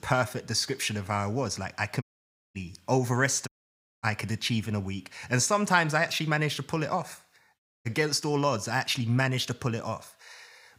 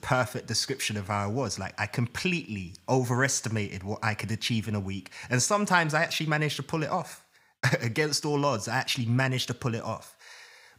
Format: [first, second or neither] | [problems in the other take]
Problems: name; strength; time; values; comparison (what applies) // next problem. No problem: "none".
second | audio cutting out; at 2 s for 0.5 s, at 3.5 s for 0.5 s and at 7.5 s